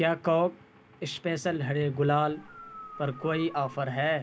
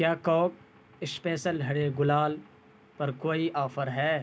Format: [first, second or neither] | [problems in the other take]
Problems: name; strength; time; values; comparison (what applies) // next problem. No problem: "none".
second | background sound (Dog); 17 dB below the speech